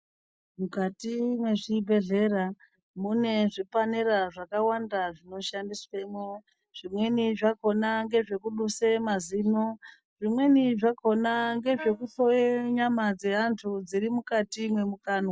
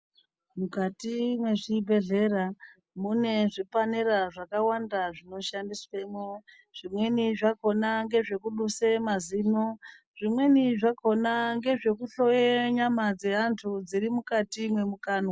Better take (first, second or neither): second